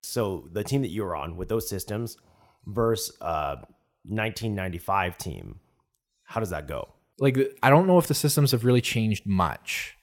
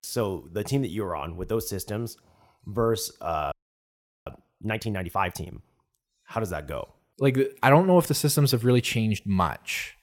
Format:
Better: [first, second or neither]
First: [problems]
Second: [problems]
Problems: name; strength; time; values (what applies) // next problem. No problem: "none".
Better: first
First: none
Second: audio freezing; at 3.5 s for 0.5 s